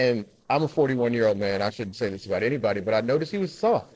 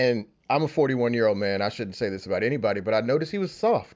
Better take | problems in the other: second | noise reduction (neural separator model SepFormer DNS4)

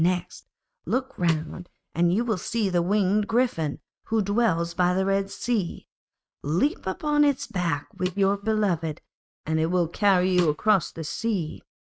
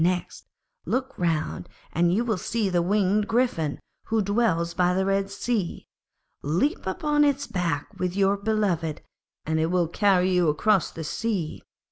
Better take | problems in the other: second | noise reduction (neural mask model RNNoise)

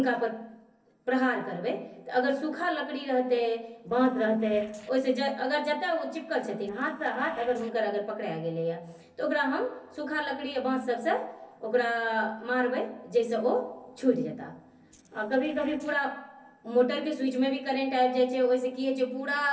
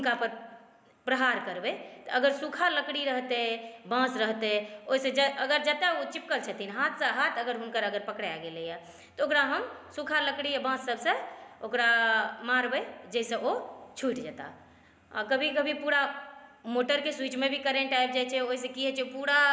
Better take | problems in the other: second | noise reduction (neural separator model SepFormer DNS4)

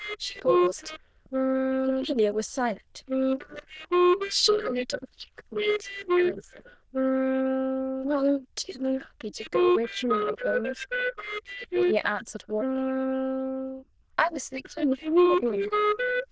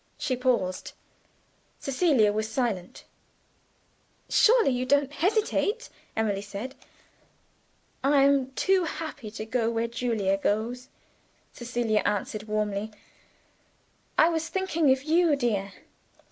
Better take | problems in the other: second | noise reduction (neural diffusion model UNIVERSE++)

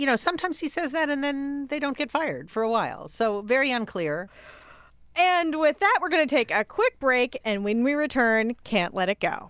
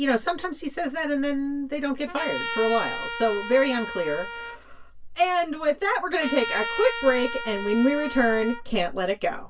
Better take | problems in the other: first | background sound (Trumpet); 8 dB below the speech // room echo; dies away in 0.1 s

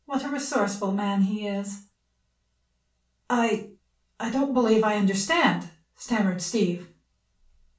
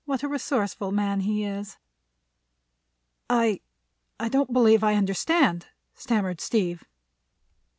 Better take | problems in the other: second | room echo; dies away in 0.3 s

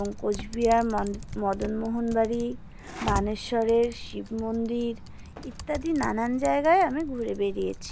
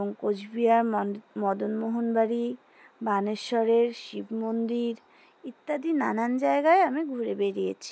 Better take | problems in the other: second | background sound (Typing); 11 dB below the speech

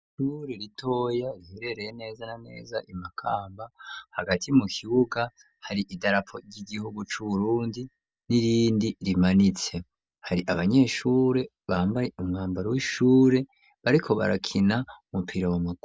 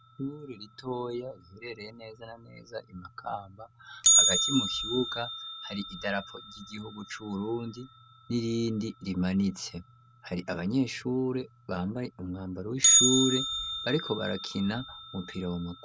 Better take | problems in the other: first | background sound (Bell); 1 dB above the speech

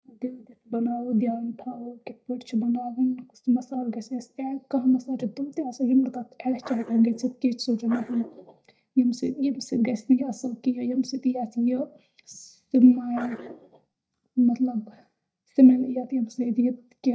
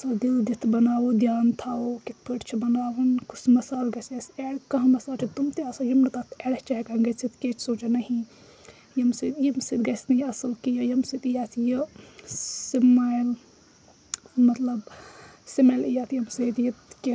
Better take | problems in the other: second | noise reduction (neural mask model DeepFilterNet 3)

